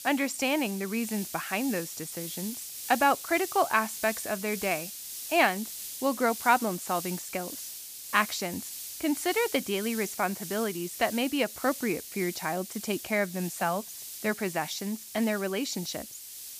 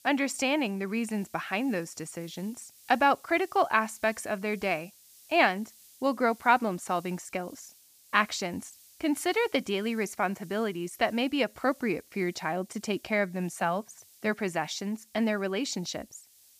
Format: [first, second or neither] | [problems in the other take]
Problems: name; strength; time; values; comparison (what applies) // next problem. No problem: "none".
second | hiss; loud; throughout; 8 dB below the speech; faint in the second